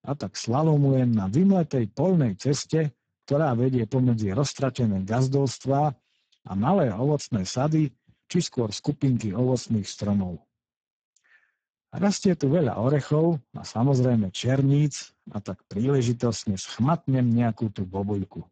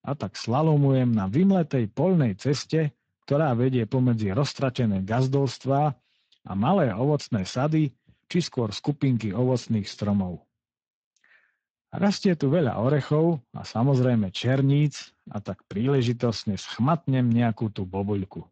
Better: second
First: garbled, watery; badly; nothing above 7.5 kHz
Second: garbled, watery; slightly; nothing above 7.5 kHz

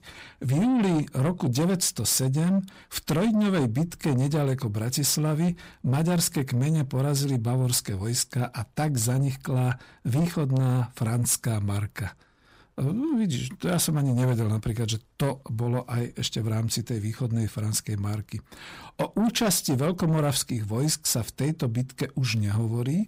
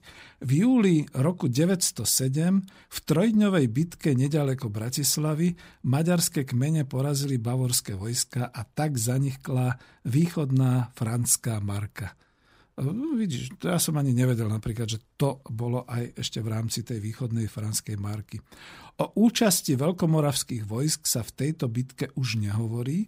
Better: second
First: distortion; slight; 10 dB below the speech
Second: none

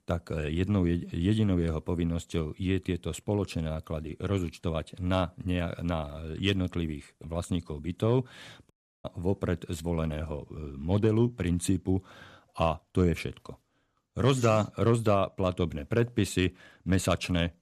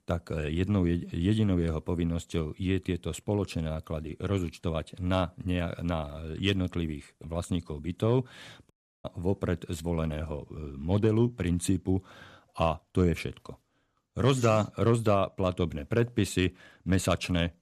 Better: neither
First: audio cutting out; at 8.5 s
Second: audio cutting out; at 8.5 s

